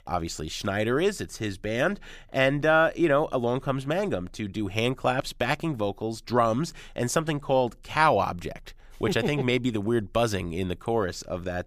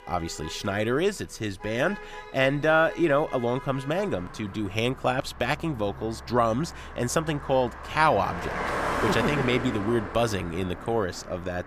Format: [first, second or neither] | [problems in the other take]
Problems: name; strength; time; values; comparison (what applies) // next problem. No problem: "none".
first | traffic noise; loud; throughout; 9 dB below the speech